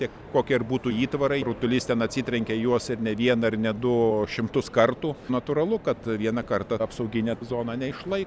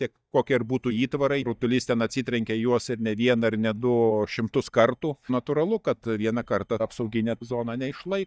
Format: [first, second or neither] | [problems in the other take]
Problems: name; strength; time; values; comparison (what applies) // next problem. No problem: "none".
first | noise reduction (neural mask model DeepFilterNet 3)